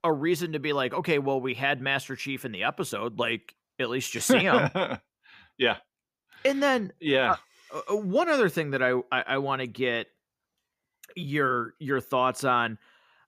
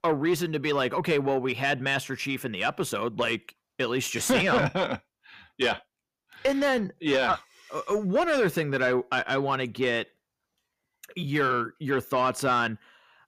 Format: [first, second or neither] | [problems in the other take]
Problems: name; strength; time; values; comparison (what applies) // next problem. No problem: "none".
first | distortion; slight; 10 dB below the speech